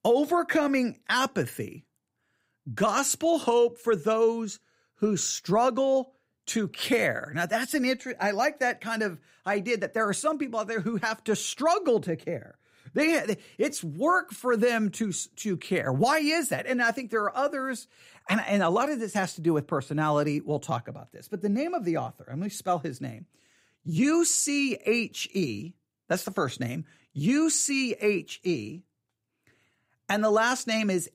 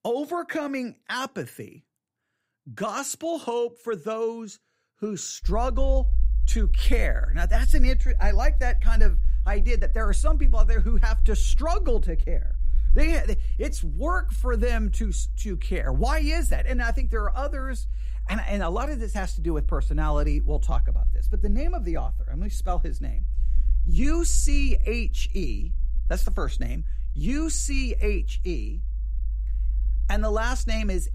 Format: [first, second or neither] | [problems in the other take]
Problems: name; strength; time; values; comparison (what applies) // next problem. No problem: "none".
first | low rumble; faint; from 5.5 s on; 20 dB below the speech